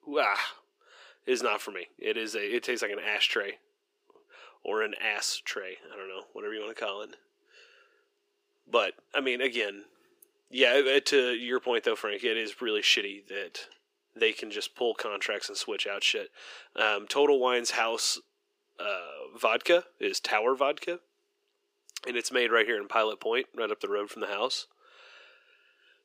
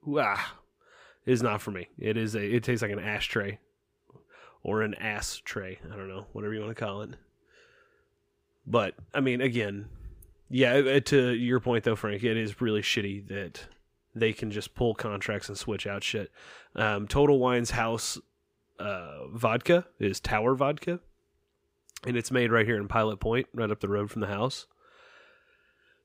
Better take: second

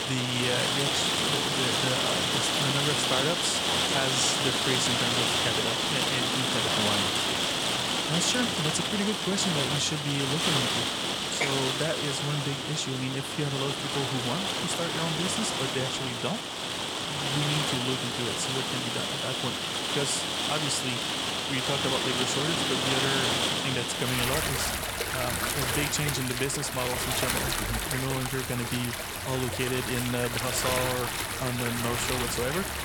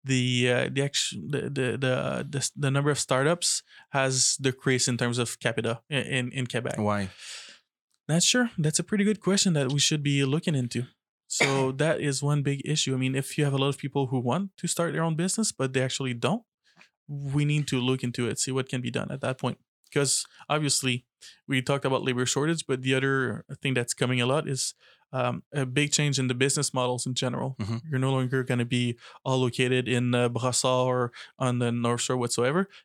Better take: second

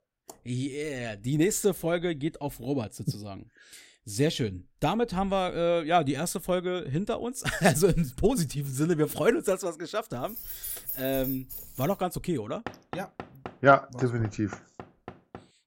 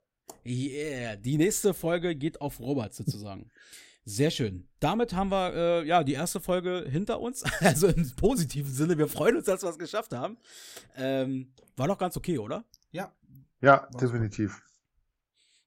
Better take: second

